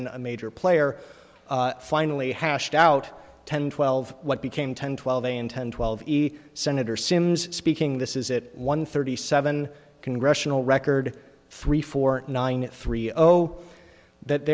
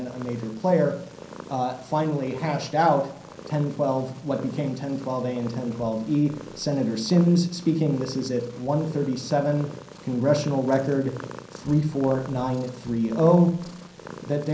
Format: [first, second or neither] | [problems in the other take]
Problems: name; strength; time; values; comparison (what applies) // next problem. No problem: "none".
first | background sound (Purr); 18 dB below the speech // room echo; dies away in 0.6 s